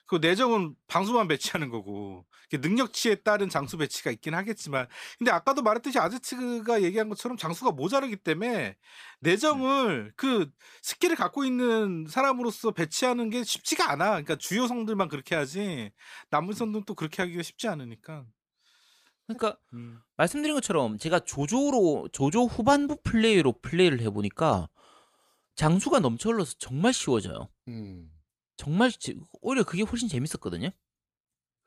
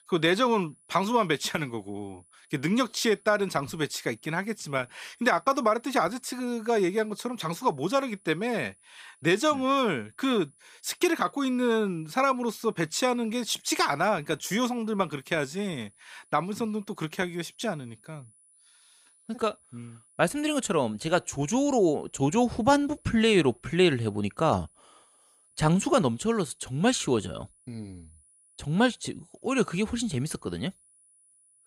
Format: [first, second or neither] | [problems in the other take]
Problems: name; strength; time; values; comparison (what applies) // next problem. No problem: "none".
first | high-pitched whine; faint; throughout; 10 kHz, 30 dB below the speech